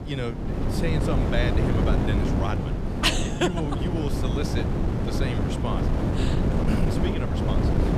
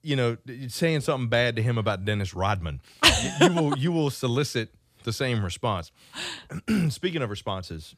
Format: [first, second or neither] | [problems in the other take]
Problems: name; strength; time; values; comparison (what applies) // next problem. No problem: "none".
second | wind noise on the microphone; heavy; 1 dB below the speech